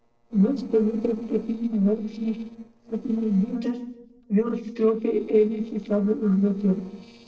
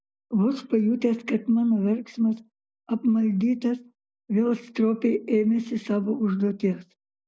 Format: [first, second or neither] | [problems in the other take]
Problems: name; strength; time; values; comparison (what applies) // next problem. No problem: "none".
second | noise reduction (neural separator model SepFormer DNS4)